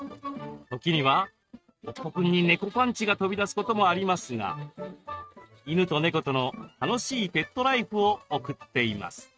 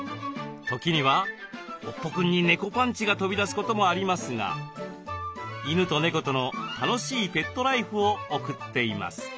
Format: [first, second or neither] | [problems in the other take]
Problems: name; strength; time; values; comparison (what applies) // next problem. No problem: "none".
second | noise reduction (neural mask model RNNoise)